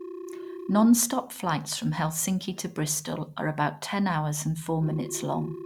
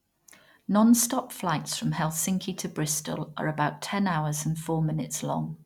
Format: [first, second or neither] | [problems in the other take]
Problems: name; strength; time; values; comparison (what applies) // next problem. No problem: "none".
second | background sound (Telephone); 16 dB below the speech